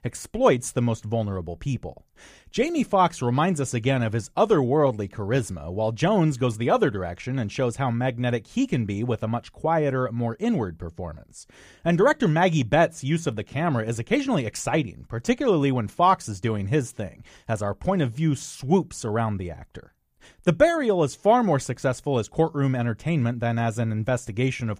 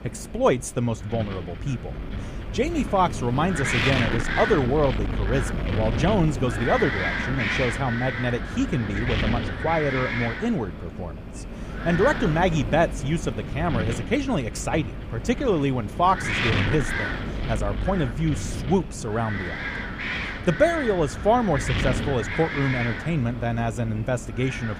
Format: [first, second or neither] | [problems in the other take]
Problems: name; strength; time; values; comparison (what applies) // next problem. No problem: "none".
first | wind noise on the microphone; heavy; 3 dB below the speech